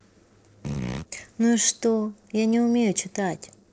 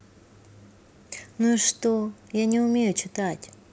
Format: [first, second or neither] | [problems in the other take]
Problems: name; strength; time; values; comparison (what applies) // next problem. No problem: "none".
second | noise reduction (neural separator model SepFormer DNS4)